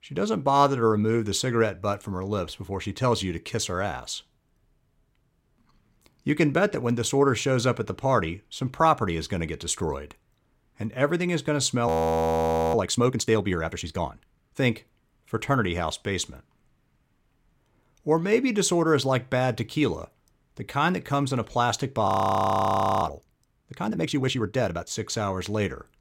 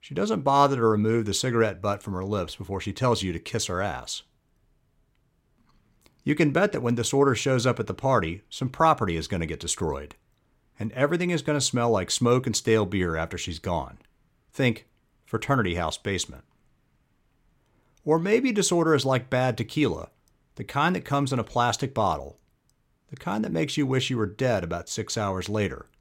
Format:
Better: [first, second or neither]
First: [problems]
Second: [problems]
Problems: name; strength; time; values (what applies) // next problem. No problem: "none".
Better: second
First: audio freezing; at 12 s for 1 s and at 22 s for 1 s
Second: none